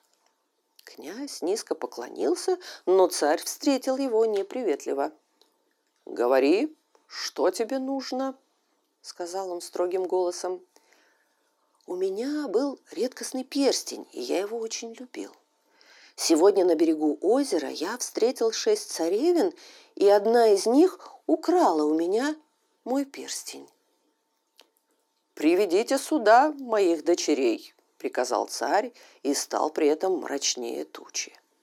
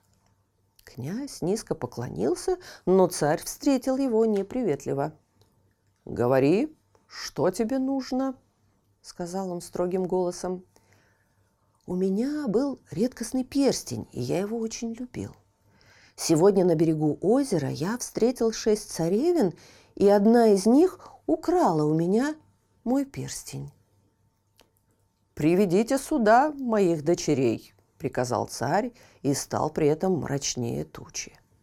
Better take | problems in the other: second | thin; very slightly; fading below 300 Hz

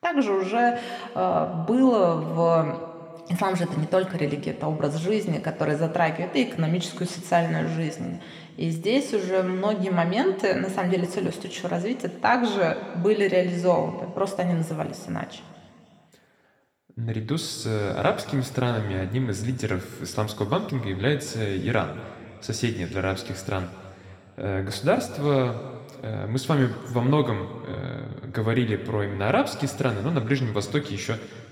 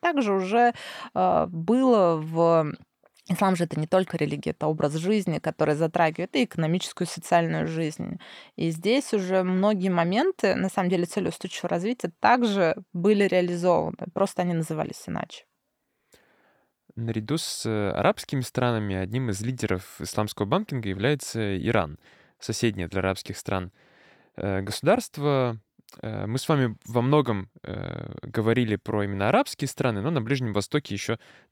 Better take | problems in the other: second | room echo; slight; dies away in 1.9 s

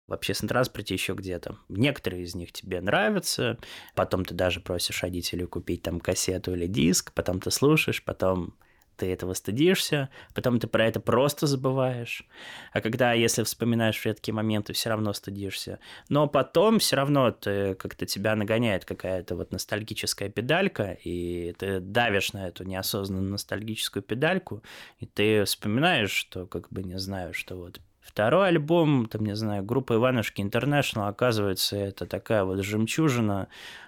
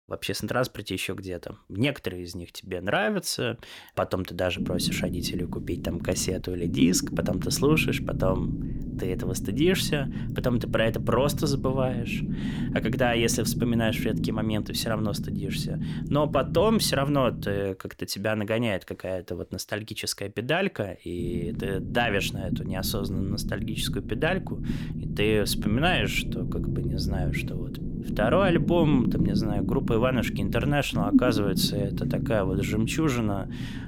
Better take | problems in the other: first | low rumble; loud; from 4.5 to 18 s and from 21 s on; 9 dB below the speech

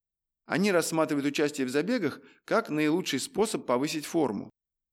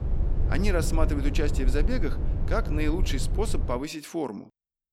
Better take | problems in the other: first | low rumble; noticeable; until 4 s; 10 dB below the speech

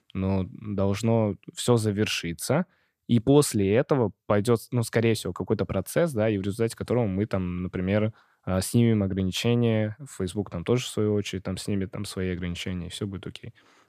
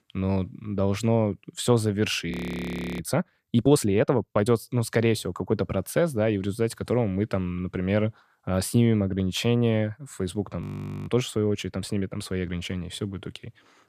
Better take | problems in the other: first | audio freezing; at 2.5 s for 0.5 s and at 11 s

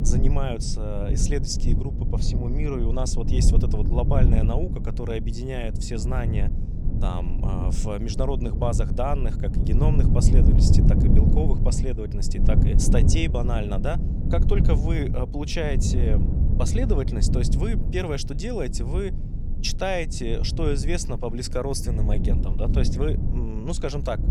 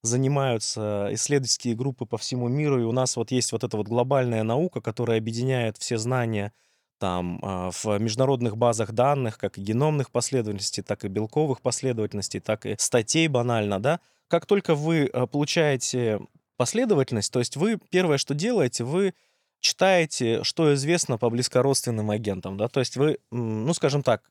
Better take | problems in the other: second | low rumble; loud; throughout; 6 dB below the speech

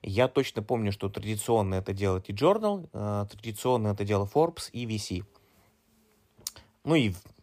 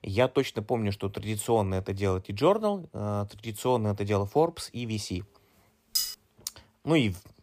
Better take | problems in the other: first | clattering dishes; noticeable; at 6 s; peak level with the speech

